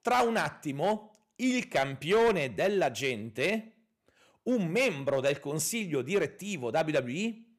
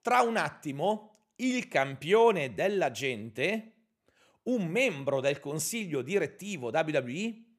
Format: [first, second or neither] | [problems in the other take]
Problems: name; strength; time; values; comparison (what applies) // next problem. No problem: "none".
second | distortion; slight; 4% of the sound clipped